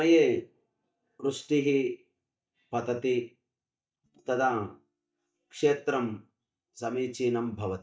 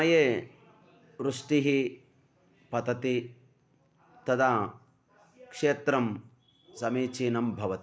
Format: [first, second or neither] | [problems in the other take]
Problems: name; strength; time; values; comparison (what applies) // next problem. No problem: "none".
second | noise reduction (neural mask model DeepFilterNet 3)